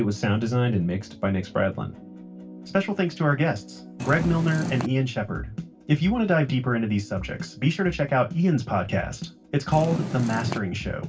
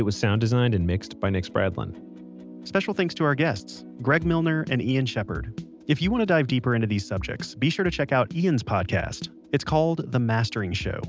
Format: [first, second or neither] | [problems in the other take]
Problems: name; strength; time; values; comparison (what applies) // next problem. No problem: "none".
second | background sound (Purr); 6 dB below the speech // room echo; dies away in 0.2 s